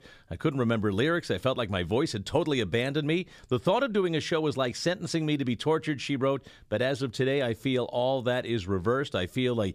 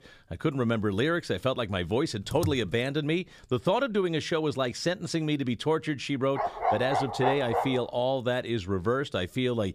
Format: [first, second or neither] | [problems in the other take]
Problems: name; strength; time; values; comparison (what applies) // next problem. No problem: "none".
first | keyboard typing; noticeable; at 2.5 s; peak 6 dB below the speech // dog barking; loud; from 6.5 to 8 s; peak 1 dB above the speech